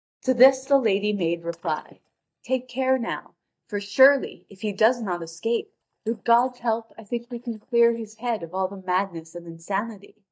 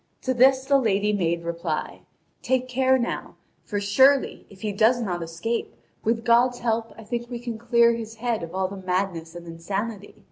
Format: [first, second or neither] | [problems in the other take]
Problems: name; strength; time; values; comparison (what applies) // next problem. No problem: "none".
second | noise reduction (neural mask model DeepFilterNet 3)